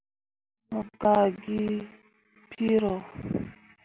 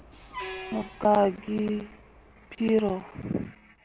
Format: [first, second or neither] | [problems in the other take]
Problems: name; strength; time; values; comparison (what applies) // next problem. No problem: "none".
first | background sound (Truck); 16 dB below the speech